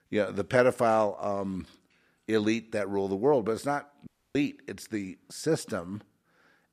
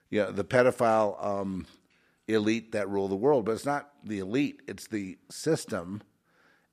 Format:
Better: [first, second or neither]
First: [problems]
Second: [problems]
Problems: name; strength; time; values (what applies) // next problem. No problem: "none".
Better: second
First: audio cutting out; at 4 s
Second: none